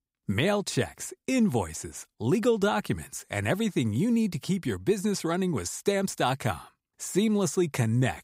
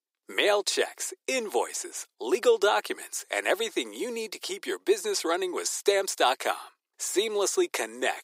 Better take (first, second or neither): first